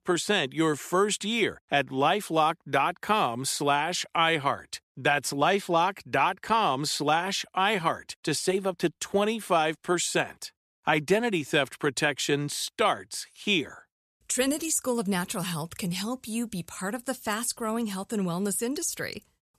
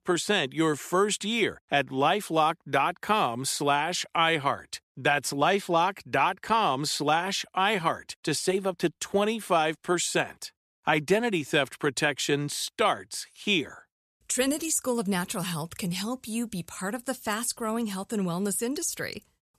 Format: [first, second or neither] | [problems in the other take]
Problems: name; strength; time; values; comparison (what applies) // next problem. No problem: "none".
neither | none